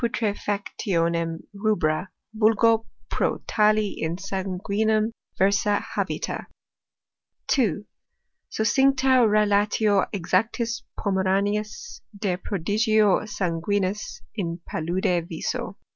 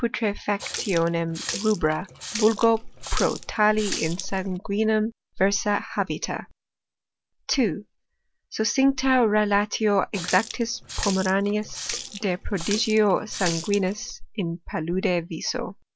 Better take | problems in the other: first | background sound (Water tap, faucet); 10 dB below the speech

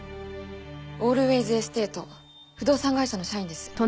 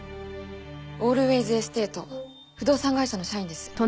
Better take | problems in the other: first | background sound (Brass instrument); 19 dB below the speech

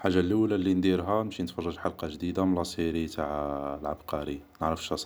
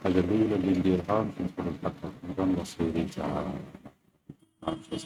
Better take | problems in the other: first | noise reduction (neural mask model RNNoise)

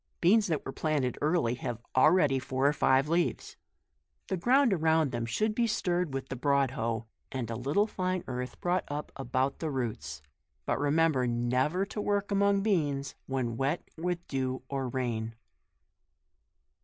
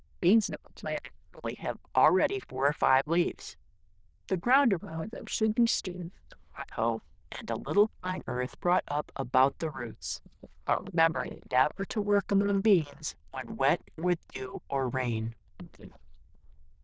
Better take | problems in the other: first | noise reduction (neural diffusion model UNIVERSE++)

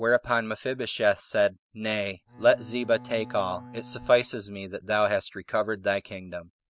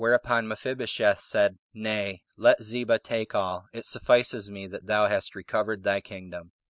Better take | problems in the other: second | background sound (Bowed string instrument); 18 dB below the speech

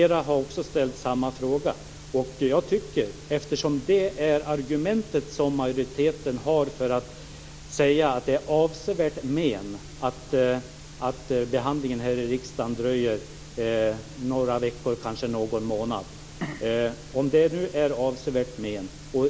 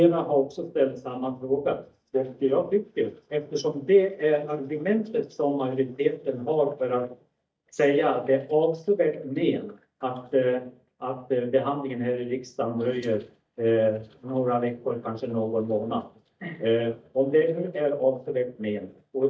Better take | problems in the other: first | noise reduction (neural mask model DeepFilterNet 3)

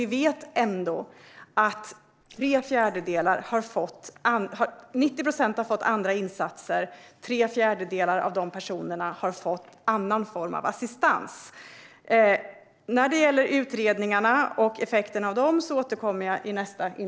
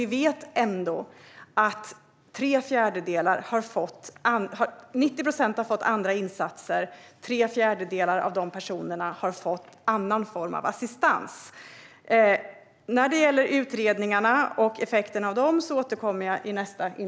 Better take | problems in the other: second | noise reduction (neural separator model SepFormer DNS4)

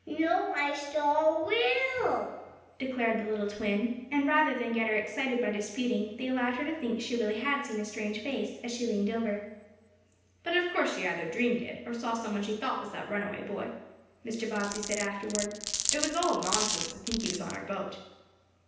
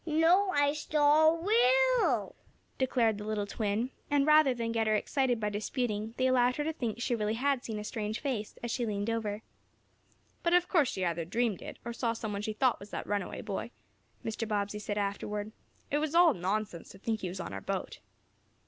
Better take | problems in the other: second | background sound (Glass); 3 dB below the speech // room echo; dies away in 0.9 s

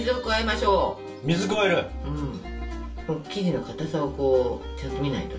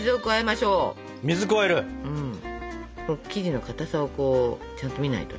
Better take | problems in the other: second | room echo; dies away in 0.2 s

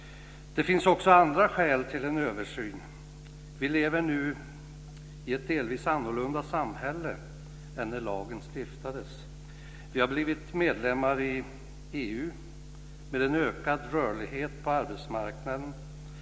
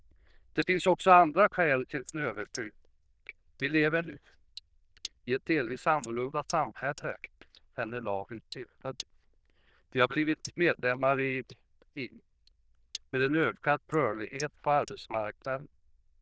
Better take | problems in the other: first | noise reduction (neural diffusion model UNIVERSE++)

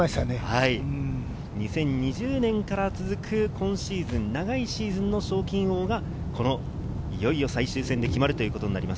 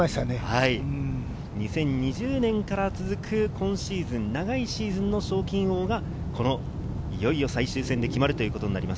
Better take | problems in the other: second | background sound (Thump, thud); 17 dB below the speech

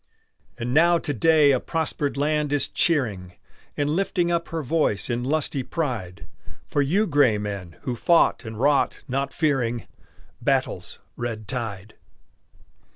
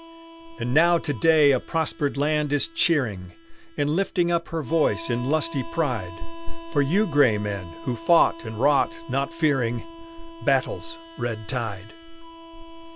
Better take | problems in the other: first | background sound (Harmonica); 17 dB below the speech

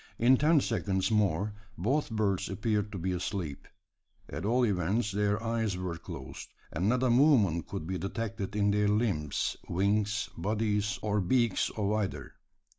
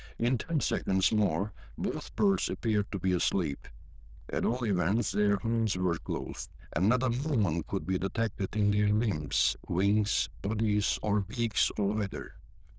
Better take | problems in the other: first | noise reduction (neural diffusion model UNIVERSE++)

